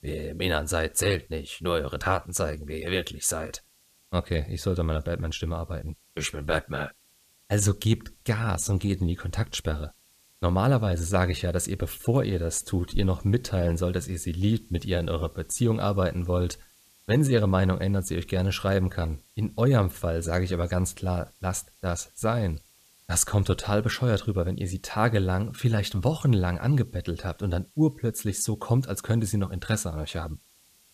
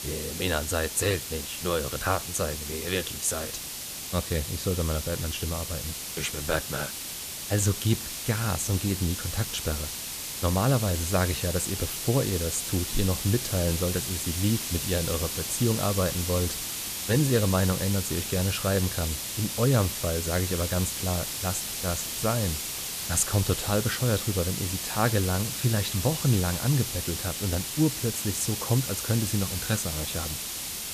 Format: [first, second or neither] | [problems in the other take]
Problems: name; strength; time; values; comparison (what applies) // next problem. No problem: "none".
first | hiss; loud; throughout; 3 dB below the speech; faint in the first